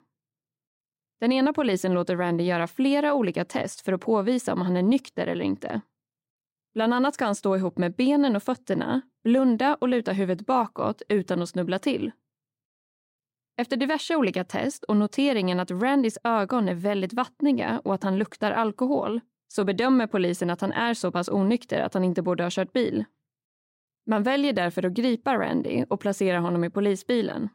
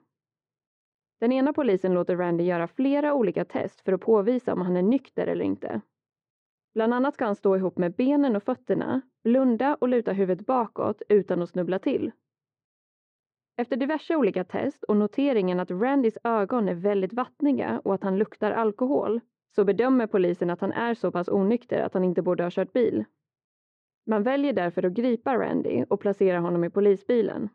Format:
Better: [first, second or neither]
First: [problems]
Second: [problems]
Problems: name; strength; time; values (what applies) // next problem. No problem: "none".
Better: first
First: none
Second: muffled; very; fading above 2 kHz